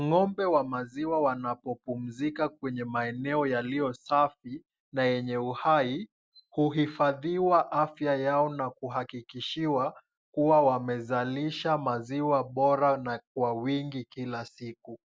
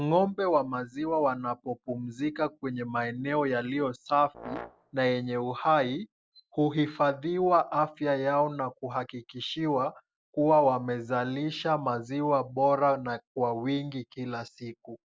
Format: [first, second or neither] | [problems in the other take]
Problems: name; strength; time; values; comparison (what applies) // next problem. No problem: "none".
first | noise reduction (neural separator model SepFormer DNS4)